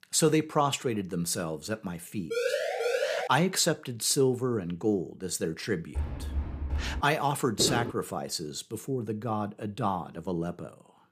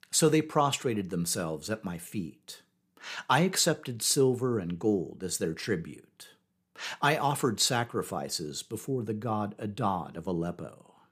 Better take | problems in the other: second | siren; loud; at 2.5 s; peak 1 dB above the speech // door banging; noticeable; from 6 to 7 s; peak 5 dB below the speech // footsteps; noticeable; at 7.5 s; peak 3 dB below the speech

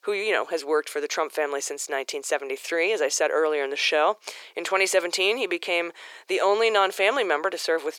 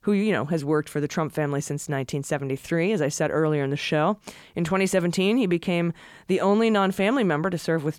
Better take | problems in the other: second | thin; very; fading below 400 Hz

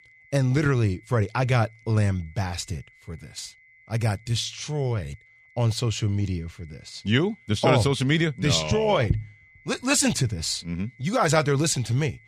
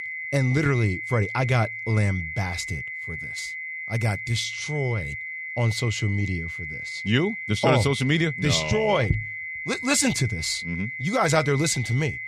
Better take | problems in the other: first | high-pitched whine; loud; throughout; 2 kHz, 7 dB below the speech; faint in the first

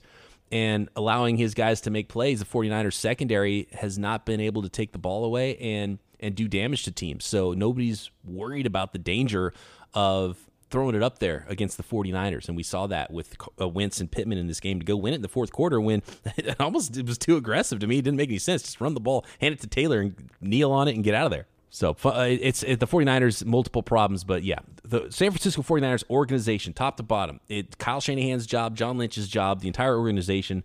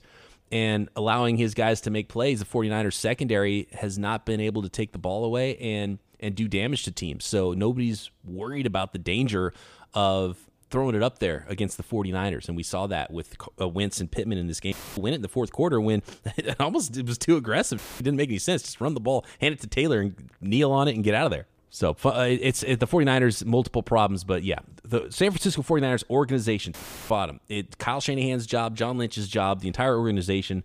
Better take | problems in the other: first | audio cutting out; filled with static; at 15 s, at 18 s and at 27 s

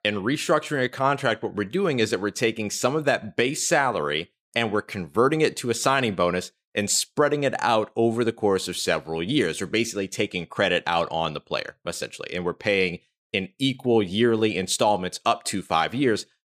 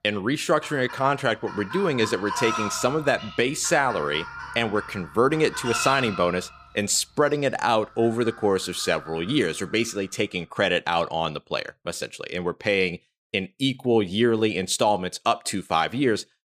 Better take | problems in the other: first | animal sounds; noticeable; until 9.5 s; 10 dB below the speech

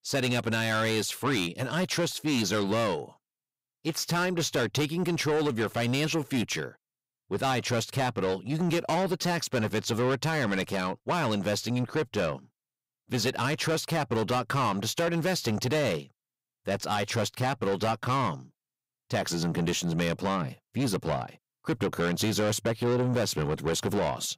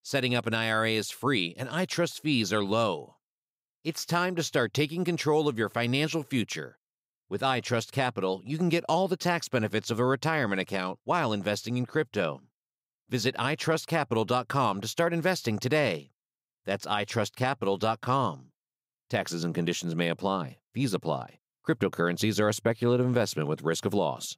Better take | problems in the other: second | distortion; heavy; 8 dB below the speech

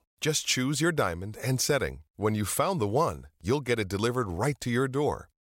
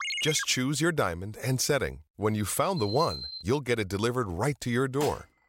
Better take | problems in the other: first | phone ringing; noticeable; at the start; peak 1 dB below the speech // alarm; noticeable; at 3 s; peak 7 dB below the speech // clattering dishes; faint; at 5 s; peak 10 dB below the speech

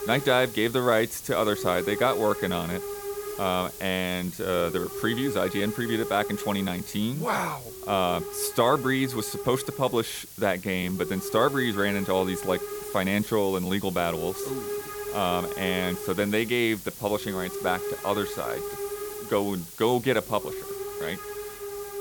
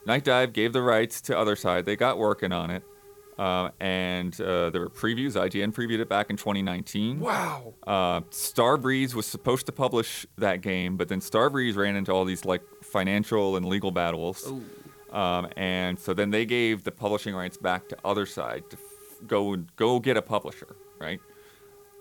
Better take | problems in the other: second | hiss; loud; throughout; 9 dB below the speech; faint in the second

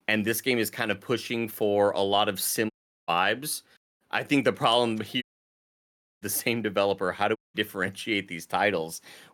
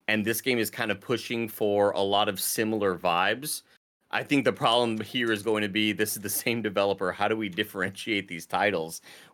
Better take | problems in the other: second | audio cutting out; at 2.5 s, at 5 s for 1 s and at 7.5 s

